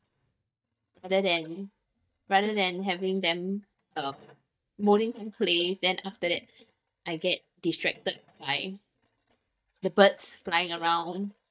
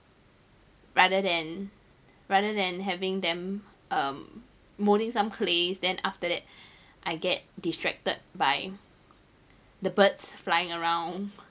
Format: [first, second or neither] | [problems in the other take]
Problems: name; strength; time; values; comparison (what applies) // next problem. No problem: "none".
second | noise reduction (neural mask model DeepFilterNet 3)